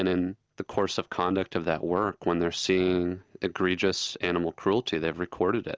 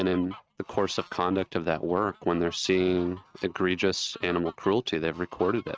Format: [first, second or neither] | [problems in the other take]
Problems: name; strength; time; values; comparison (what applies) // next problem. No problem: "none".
first | noise reduction (neural mask model RNNoise)